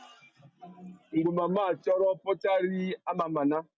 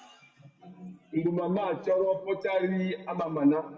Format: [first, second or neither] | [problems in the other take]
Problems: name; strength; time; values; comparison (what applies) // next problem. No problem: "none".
first | room echo; dies away in 1.6 s